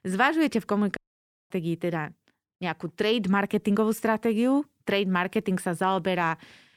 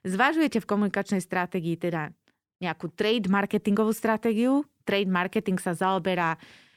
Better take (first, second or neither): second